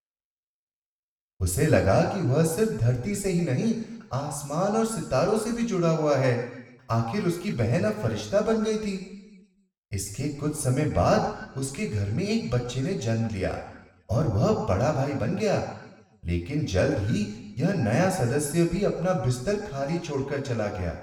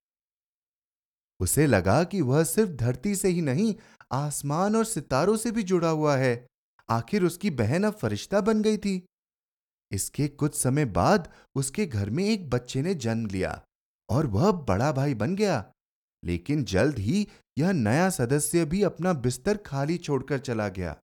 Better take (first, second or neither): second